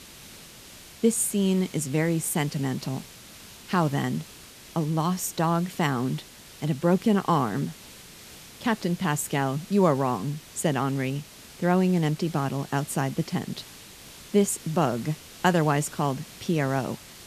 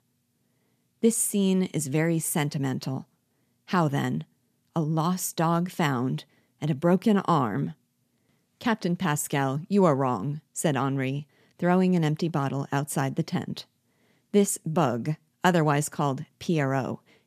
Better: second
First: hiss; noticeable; throughout; 20 dB below the speech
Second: none

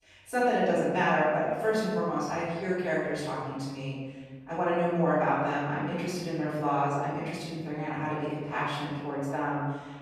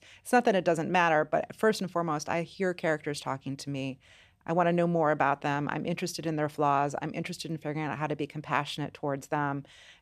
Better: second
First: off-mic speech; far // room echo; strong; dies away in 1.3 s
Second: none

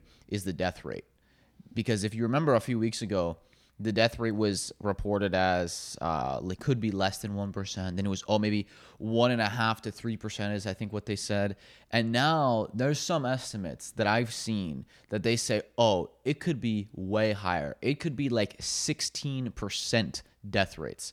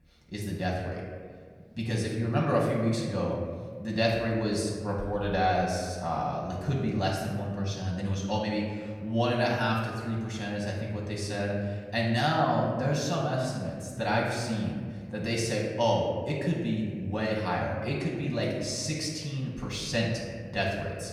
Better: first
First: none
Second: off-mic speech; far // room echo; noticeable; dies away in 1.6 s

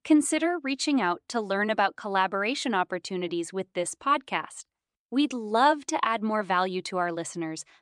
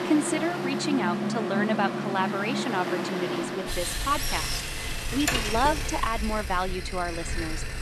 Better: first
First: none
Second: machinery noise; loud; throughout; 1 dB below the speech

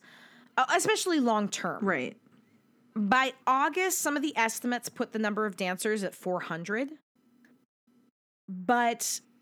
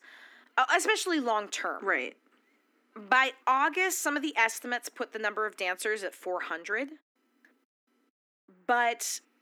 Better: first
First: none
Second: thin; somewhat; fading below 300 Hz

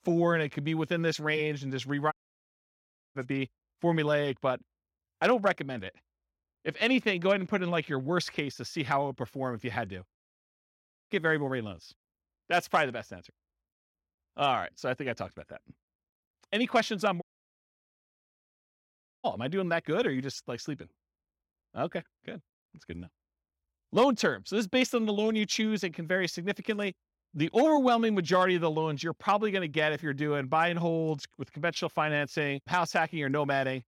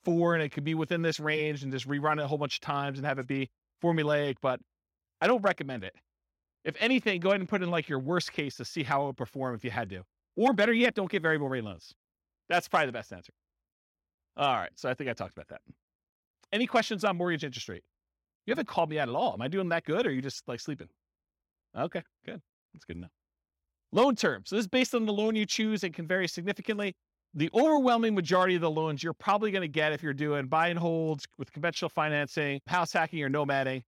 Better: second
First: audio cutting out; at 2 s for 1 s, at 10 s for 1 s and at 17 s for 2 s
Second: none

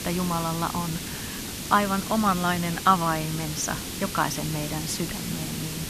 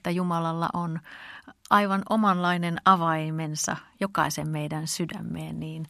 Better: second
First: hiss; loud; throughout; 6 dB below the speech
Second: none

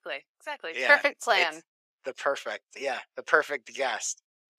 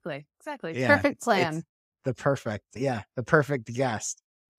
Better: second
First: thin; very; fading below 450 Hz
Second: none

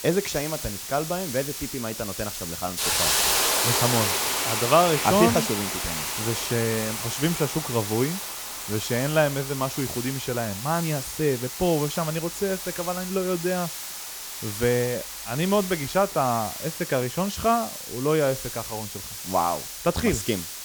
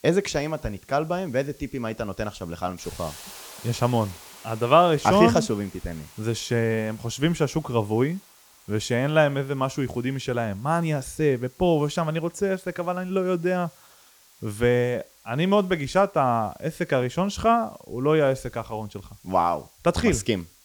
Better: second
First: hiss; loud; throughout; 2 dB below the speech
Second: hiss; faint; throughout; 25 dB below the speech

